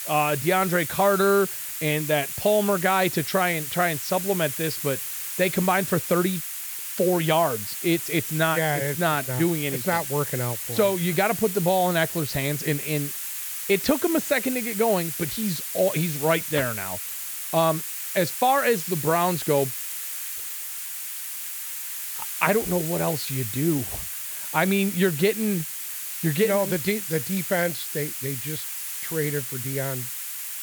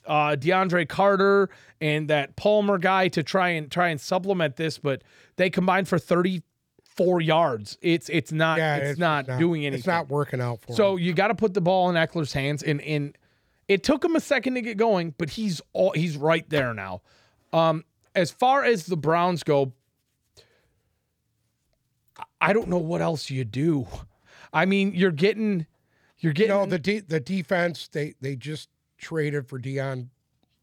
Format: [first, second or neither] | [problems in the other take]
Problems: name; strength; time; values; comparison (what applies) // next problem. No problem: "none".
second | hiss; loud; throughout; 5 dB below the speech